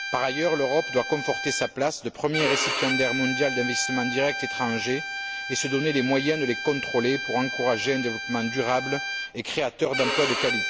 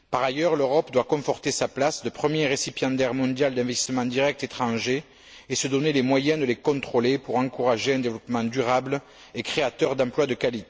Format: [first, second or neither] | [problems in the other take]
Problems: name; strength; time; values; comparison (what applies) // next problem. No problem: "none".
second | background sound (Bowed string instrument); 4 dB below the speech